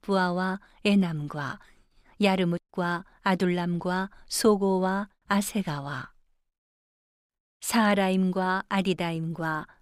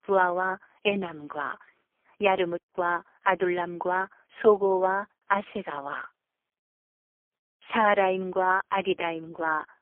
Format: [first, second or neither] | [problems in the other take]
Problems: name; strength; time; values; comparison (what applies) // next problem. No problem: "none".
first | phone-call audio; poor line; nothing above 3 kHz